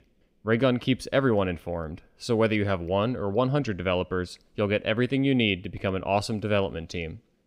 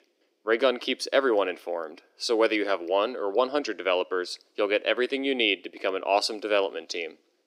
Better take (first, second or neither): first